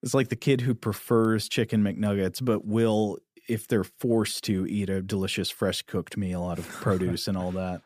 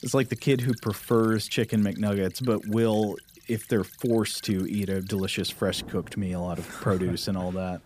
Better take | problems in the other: first | rain or running water; faint; throughout; 20 dB below the speech

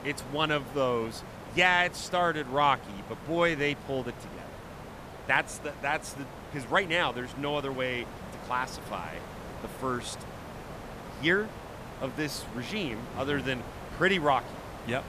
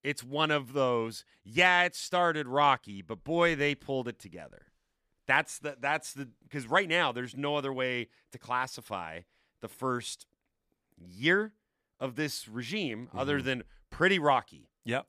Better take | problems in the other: second | hiss; noticeable; throughout; 15 dB below the speech

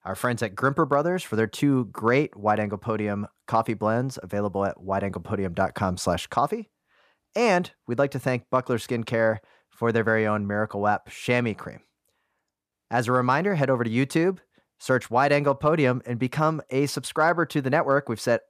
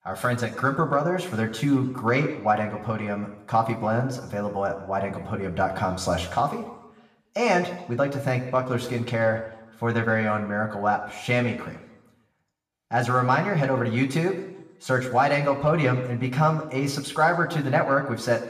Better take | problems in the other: first | room echo; slight; dies away in 0.8 s // off-mic speech; somewhat distant

